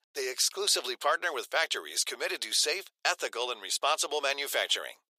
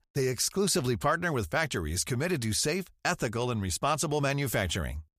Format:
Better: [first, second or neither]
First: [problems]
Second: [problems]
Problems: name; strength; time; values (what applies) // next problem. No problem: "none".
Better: second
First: thin; very; fading below 450 Hz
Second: none